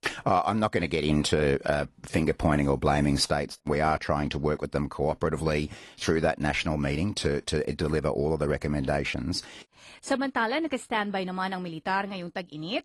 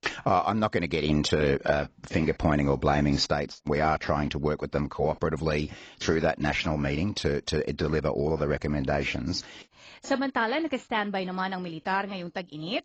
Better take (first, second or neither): first